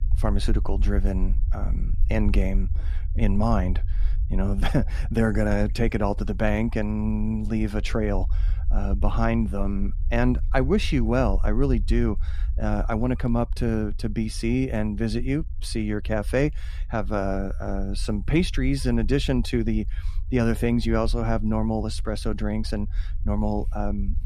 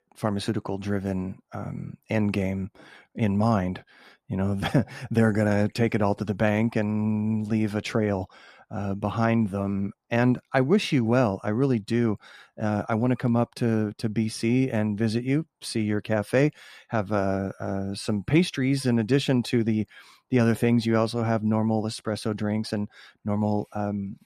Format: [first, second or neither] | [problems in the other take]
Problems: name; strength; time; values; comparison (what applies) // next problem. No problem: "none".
second | low rumble; faint; throughout; 20 dB below the speech